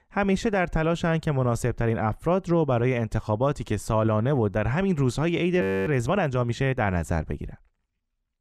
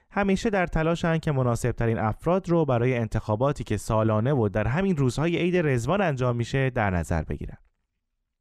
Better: second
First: audio freezing; at 5.5 s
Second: none

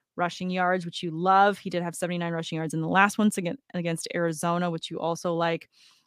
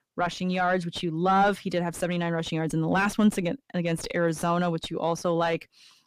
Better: first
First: none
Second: distortion; heavy; 7 dB below the speech

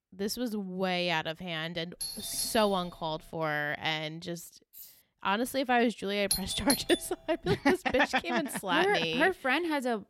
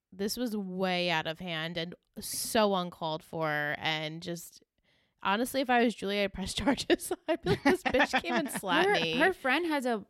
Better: second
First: doorbell; noticeable; from 2 to 3.5 s and at 6.5 s; peak 1 dB below the speech // jangling keys; faint; at 4.5 s; peak 20 dB below the speech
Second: none

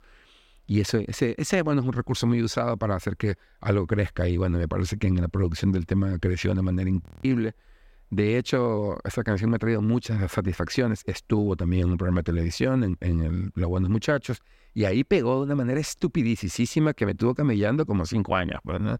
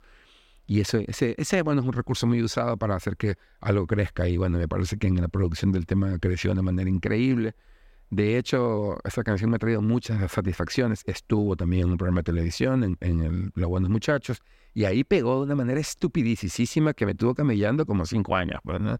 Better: second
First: audio freezing; at 7 s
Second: none

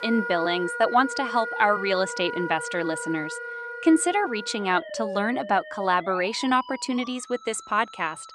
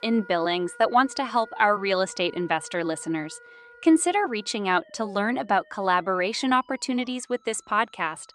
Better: second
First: background music; loud; throughout; 9 dB below the speech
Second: background music; faint; throughout; 25 dB below the speech

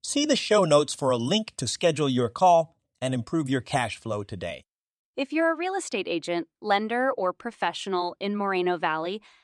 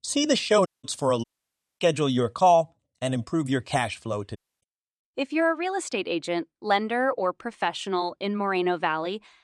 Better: first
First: none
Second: audio cutting out; at 0.5 s, at 1 s for 0.5 s and at 4.5 s

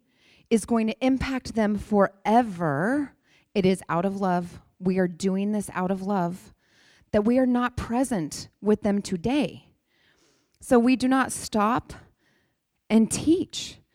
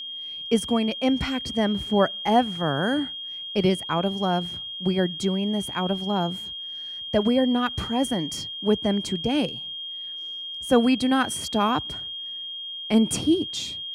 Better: first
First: none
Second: high-pitched whine; loud; throughout; 3 kHz, 7 dB below the speech

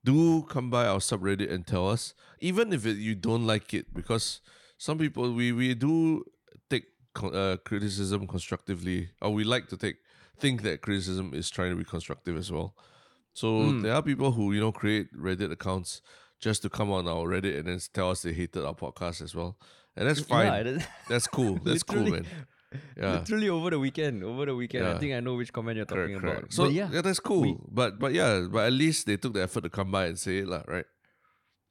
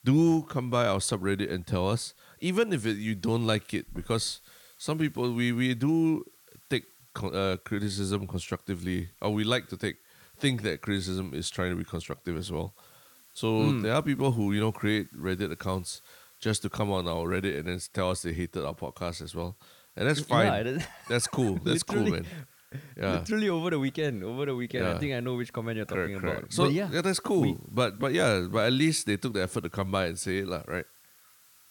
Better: first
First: none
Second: hiss; faint; throughout; 25 dB below the speech

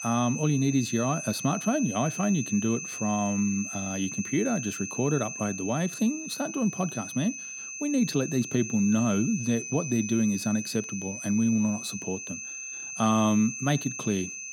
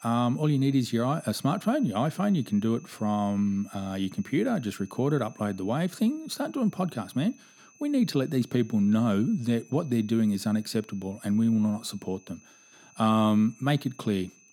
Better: second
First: high-pitched whine; loud; throughout; 6.5 kHz, 7 dB below the speech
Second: high-pitched whine; faint; throughout; 6.5 kHz, 30 dB below the speech

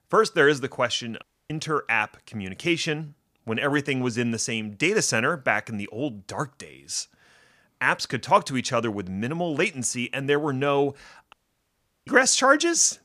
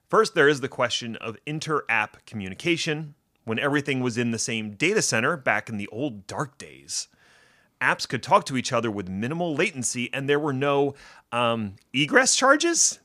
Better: second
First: audio cutting out; at 1 s and at 11 s for 0.5 s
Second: none

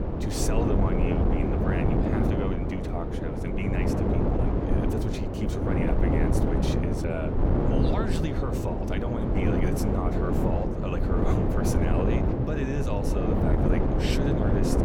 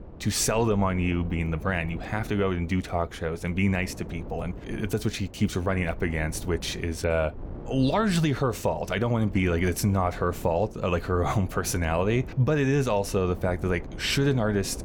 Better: second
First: wind noise on the microphone; heavy; 4 dB above the speech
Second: wind noise on the microphone; occasional gusts; 20 dB below the speech

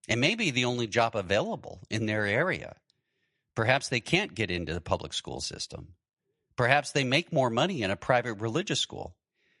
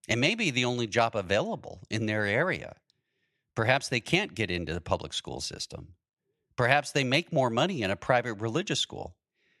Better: second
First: garbled, watery; slightly; nothing above 11 kHz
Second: none

